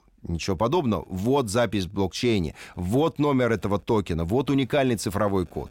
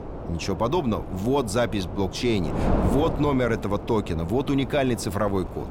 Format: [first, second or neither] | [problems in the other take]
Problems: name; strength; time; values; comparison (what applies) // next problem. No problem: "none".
first | wind noise on the microphone; heavy; 8 dB below the speech